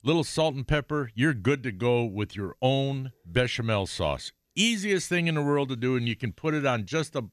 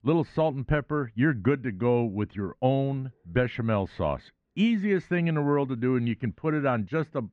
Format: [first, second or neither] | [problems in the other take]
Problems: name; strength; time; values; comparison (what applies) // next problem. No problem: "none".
first | muffled; very; fading above 1.5 kHz